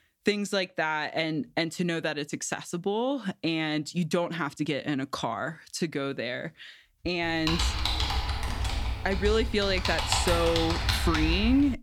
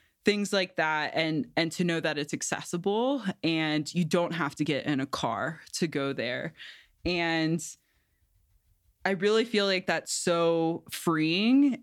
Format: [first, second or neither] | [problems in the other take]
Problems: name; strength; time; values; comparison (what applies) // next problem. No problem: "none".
second | keyboard typing; loud; from 7 s on; peak 2 dB above the speech